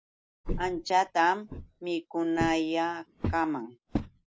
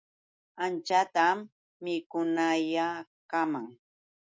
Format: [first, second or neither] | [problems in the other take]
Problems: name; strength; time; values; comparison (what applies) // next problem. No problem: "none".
second | background sound (Walk, footsteps); 7 dB below the speech